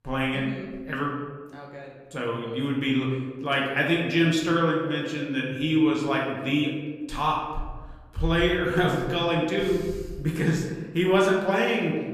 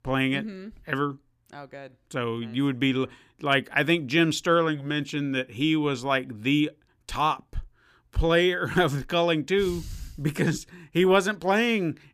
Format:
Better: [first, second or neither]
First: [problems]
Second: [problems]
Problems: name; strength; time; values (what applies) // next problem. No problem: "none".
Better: second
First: room echo; noticeable; dies away in 1.2 s // off-mic speech; far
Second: none